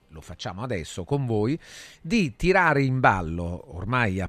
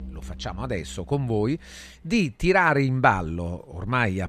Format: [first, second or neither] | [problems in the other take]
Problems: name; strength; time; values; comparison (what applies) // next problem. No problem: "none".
first | background music; faint; throughout; 20 dB below the speech